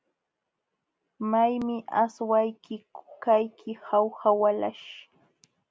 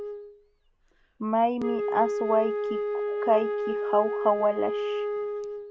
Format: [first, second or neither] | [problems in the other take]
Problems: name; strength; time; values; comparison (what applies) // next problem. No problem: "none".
first | background sound (Wind instrument, woodwind instrument); 2 dB below the speech